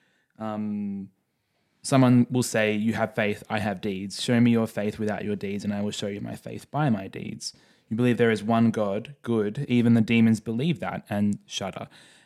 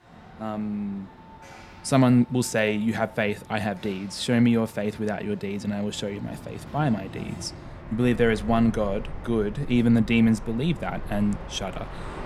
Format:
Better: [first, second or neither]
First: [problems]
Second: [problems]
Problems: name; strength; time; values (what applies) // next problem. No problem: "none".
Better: first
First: none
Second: train or aircraft noise; noticeable; throughout; 15 dB below the speech